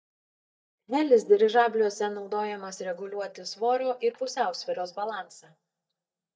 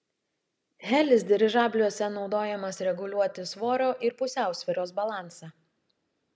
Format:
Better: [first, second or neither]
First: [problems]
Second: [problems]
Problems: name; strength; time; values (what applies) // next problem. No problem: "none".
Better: second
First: noise reduction (neural mask model DeepFilterNet 3)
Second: none